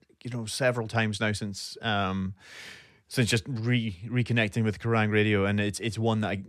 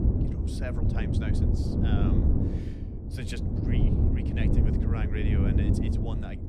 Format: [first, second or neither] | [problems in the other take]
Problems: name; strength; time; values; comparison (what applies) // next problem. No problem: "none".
first | wind noise on the microphone; heavy; 4 dB above the speech